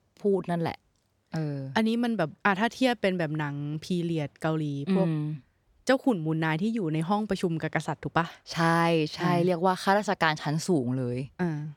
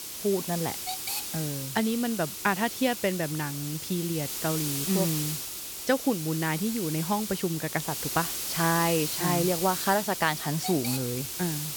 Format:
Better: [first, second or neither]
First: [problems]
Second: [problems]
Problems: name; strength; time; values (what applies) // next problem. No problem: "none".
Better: first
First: none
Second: hiss; loud; throughout; 3 dB below the speech